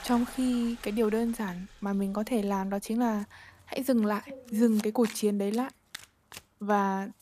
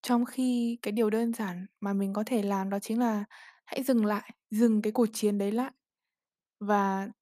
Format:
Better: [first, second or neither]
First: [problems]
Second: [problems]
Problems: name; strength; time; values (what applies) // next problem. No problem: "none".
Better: second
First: household noises; noticeable; throughout; 20 dB below the speech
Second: none